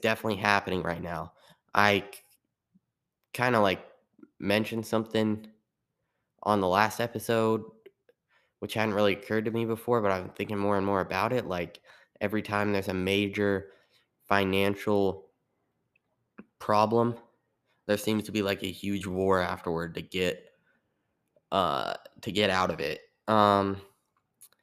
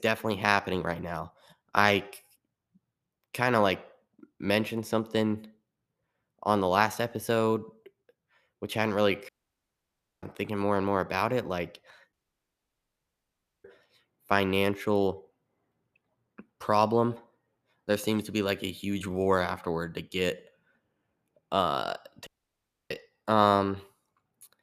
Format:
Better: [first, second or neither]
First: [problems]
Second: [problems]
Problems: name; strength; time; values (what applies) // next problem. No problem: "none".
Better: first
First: none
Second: audio cutting out; at 9.5 s for 1 s, at 12 s for 1.5 s and at 22 s for 0.5 s